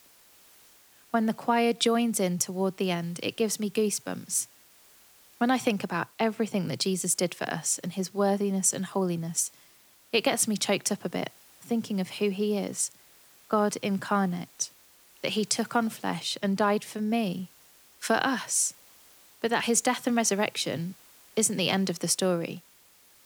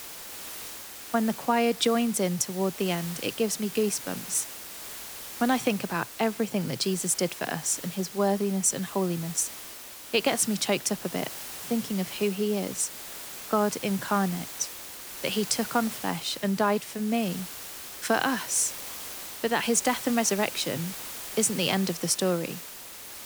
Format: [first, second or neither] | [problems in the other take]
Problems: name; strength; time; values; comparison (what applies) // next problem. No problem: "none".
first | hiss; loud; throughout; 9 dB below the speech; faint in the first